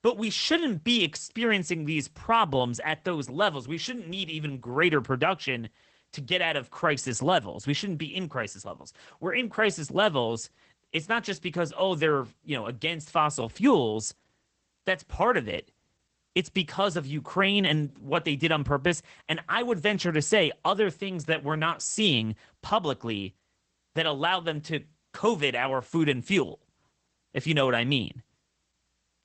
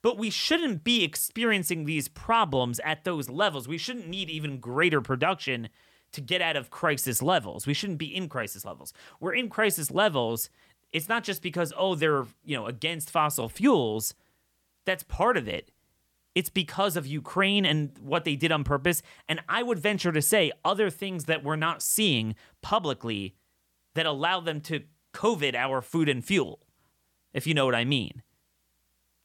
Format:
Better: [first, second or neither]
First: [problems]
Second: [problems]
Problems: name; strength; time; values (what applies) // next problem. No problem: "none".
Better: second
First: garbled, watery; badly; nothing above 8 kHz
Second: none